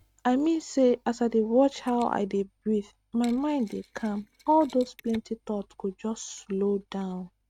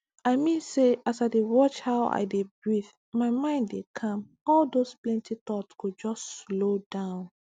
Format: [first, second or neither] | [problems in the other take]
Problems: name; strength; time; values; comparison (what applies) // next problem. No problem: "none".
second | noise reduction (neural mask model RNNoise)